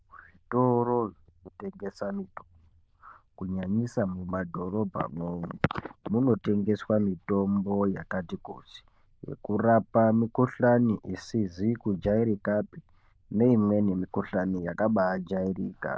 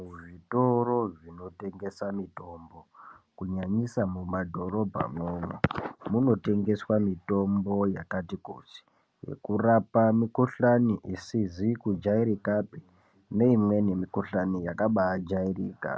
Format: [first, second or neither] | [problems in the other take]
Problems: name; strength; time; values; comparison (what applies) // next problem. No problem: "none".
second | noise reduction (neural diffusion model UNIVERSE++)